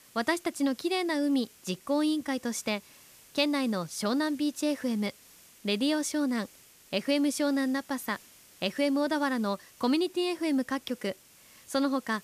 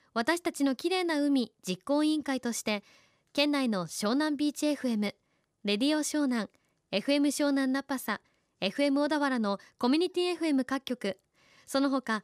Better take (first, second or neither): second